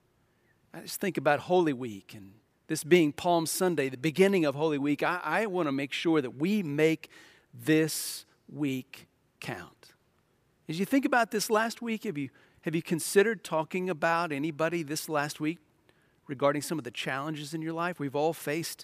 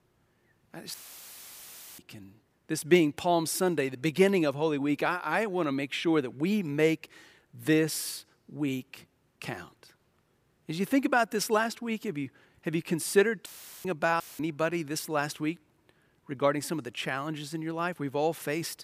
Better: first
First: none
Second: audio cutting out; filled with static; at 1 s for 1 s, at 13 s and at 14 s

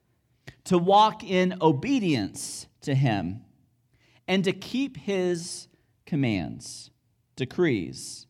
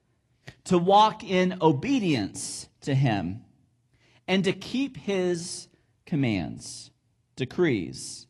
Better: first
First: none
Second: garbled, watery; slightly

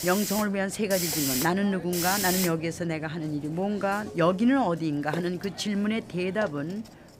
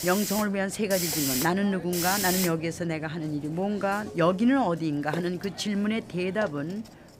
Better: neither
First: hiss; loud; throughout; 4 dB below the speech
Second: hiss; loud; throughout; 4 dB below the speech

